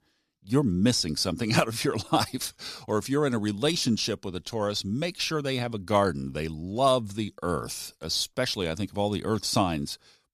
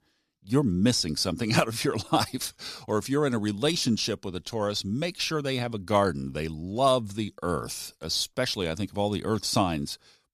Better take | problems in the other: neither | none

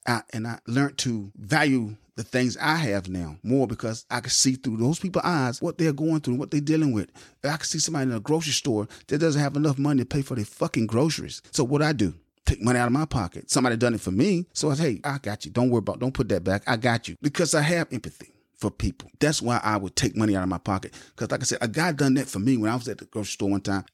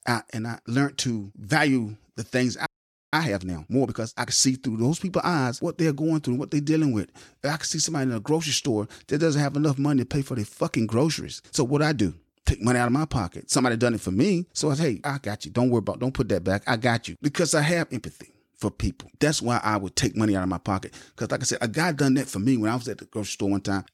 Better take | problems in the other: first | audio freezing; at 2.5 s

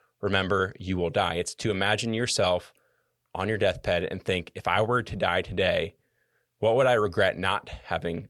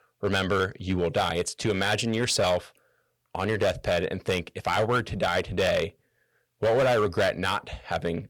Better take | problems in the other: first | distortion; slight; 7% of the sound clipped

